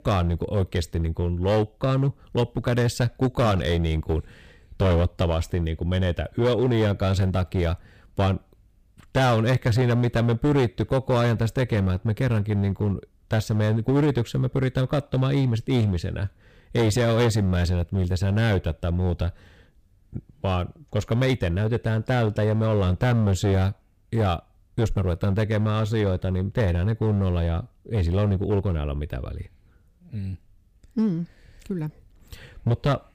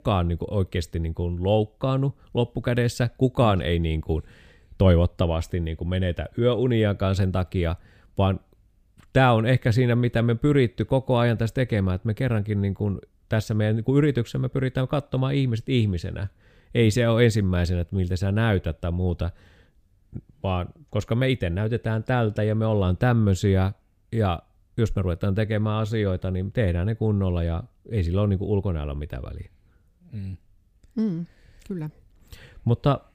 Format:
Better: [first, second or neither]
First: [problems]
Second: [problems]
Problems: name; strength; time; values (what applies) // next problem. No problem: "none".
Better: second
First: distortion; slight; 9% of the sound clipped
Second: none